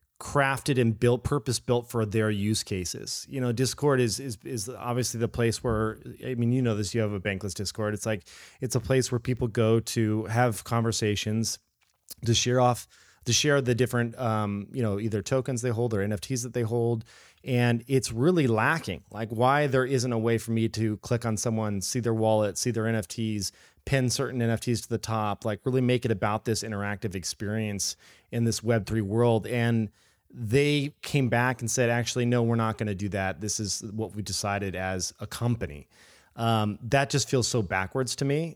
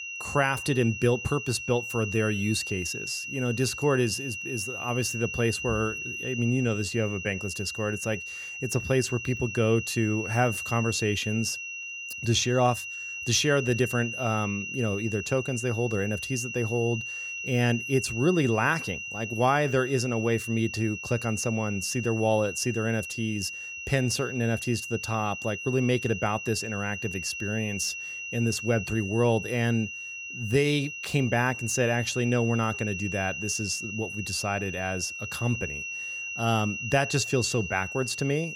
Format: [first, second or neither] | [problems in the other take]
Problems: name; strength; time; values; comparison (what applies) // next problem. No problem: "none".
first | high-pitched whine; loud; throughout; 2.5 kHz, 6 dB below the speech